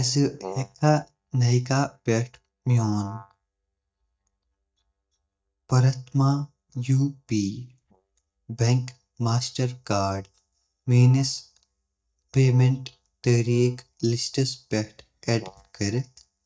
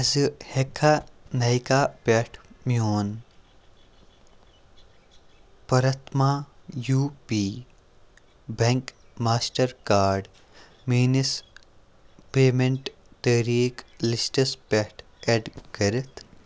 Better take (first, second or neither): second